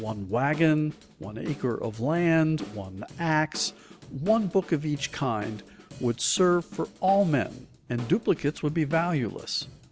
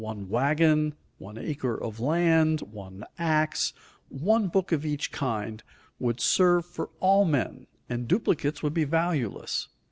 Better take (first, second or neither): second